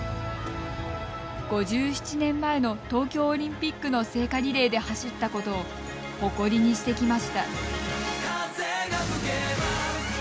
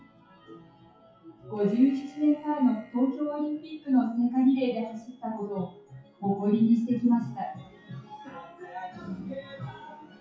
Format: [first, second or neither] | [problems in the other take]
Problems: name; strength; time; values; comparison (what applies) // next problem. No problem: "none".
first | noise reduction (classical method WPE with log-MMSE)